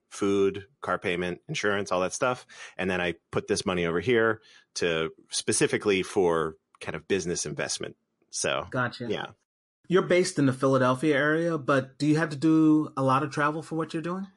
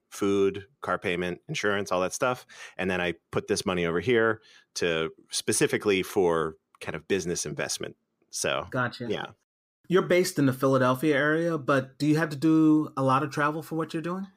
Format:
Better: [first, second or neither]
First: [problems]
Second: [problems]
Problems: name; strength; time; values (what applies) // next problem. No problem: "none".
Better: second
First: garbled, watery; slightly; nothing above 10 kHz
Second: none